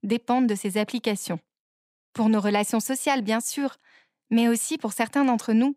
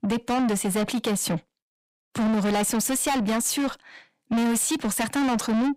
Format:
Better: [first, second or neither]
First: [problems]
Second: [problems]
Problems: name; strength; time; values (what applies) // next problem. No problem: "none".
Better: first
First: none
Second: distortion; heavy; 6 dB below the speech